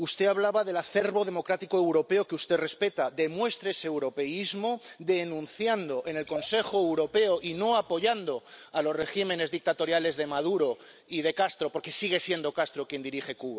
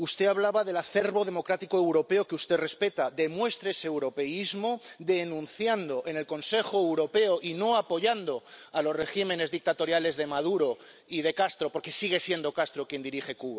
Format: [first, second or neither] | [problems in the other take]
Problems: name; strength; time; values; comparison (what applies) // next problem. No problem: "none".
second | background sound (Liquid); 17 dB below the speech